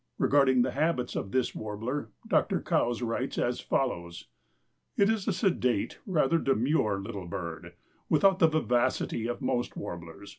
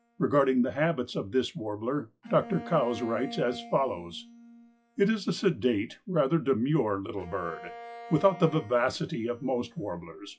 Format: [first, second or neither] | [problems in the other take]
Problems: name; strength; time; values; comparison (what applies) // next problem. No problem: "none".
first | noise reduction (classical method log-MMSE)